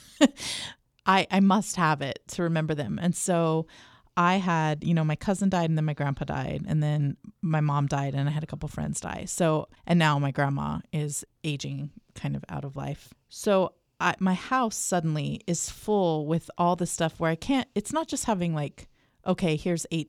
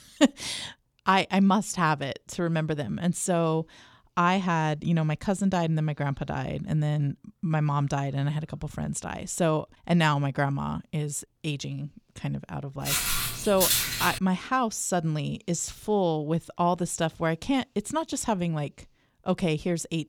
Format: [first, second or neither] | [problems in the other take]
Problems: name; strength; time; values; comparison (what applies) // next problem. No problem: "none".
first | footsteps; loud; from 13 to 14 s; peak 5 dB above the speech